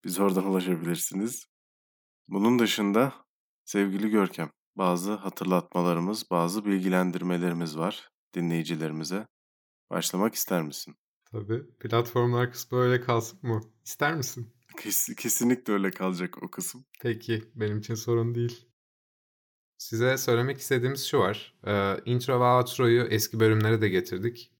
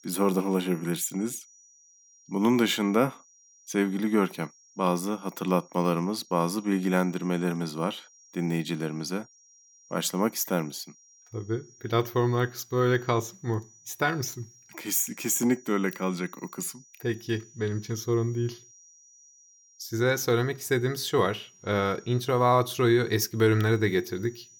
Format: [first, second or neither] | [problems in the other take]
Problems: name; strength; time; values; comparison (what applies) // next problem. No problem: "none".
first | high-pitched whine; faint; throughout; 6 kHz, 25 dB below the speech